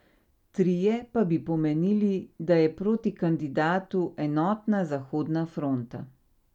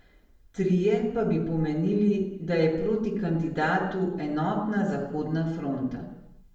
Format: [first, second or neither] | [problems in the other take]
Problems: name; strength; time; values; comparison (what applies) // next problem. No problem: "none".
first | room echo; dies away in 0.7 s